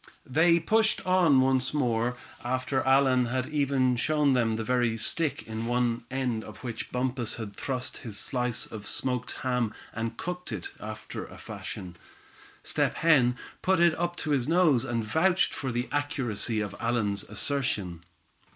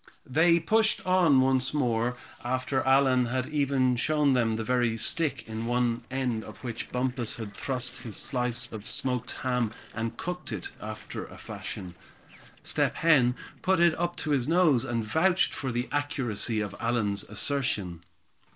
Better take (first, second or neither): first